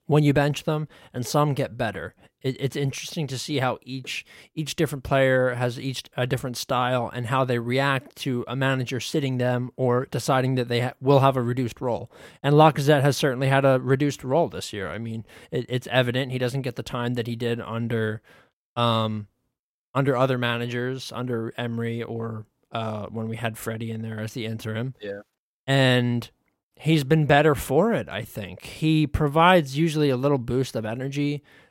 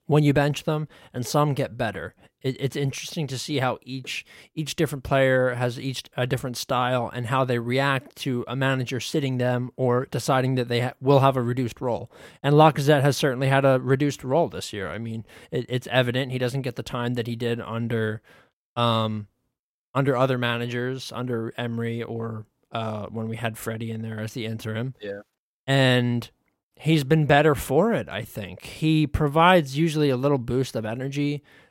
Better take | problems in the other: neither | none

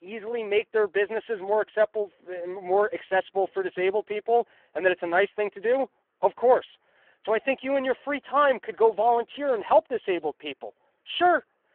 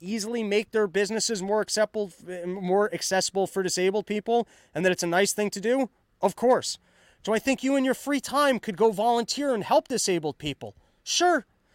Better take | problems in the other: second | phone-call audio; poor line

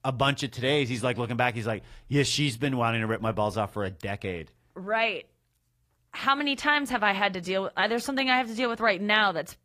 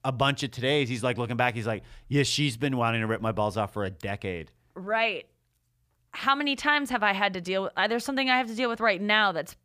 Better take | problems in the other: second | garbled, watery; slightly; nothing above 15 kHz

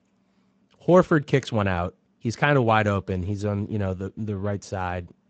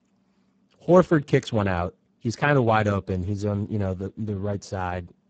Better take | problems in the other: first | garbled, watery; badly; nothing above 7.5 kHz; slightly in the first

